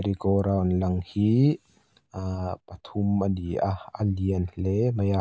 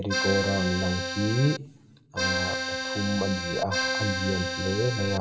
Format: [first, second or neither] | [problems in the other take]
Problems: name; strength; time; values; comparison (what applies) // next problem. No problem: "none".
first | background sound (Accordion); 1 dB below the speech // room echo; dies away in 0.7 s